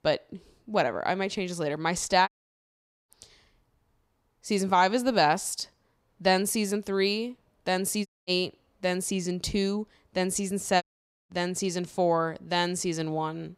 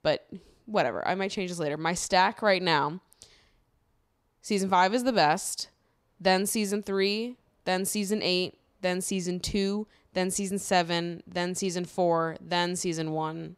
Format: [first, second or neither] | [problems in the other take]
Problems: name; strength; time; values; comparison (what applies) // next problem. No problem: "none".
second | audio cutting out; at 2.5 s for 1 s, at 8 s and at 11 s